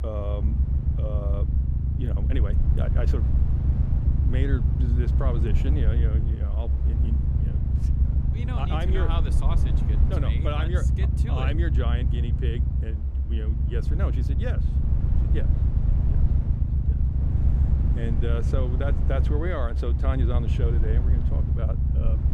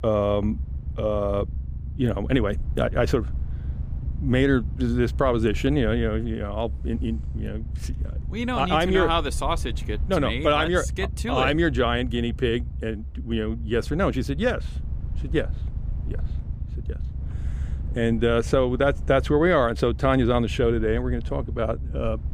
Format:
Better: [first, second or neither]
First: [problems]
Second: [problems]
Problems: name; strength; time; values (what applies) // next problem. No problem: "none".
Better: second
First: low rumble; loud; throughout; 3 dB below the speech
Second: low rumble; faint; throughout; 25 dB below the speech